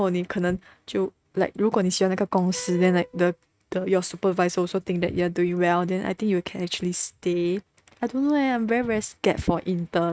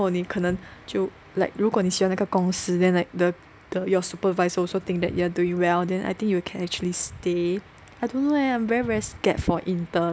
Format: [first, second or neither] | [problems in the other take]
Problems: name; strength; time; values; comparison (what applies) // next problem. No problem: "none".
second | noise reduction (neural mask model RNNoise)